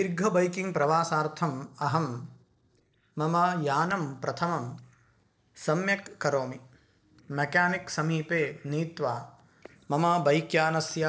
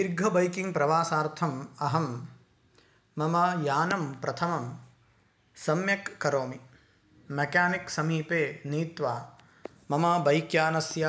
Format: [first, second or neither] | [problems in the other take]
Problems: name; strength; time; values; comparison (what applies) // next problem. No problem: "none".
second | noise reduction (neural separator model SepFormer DNS4)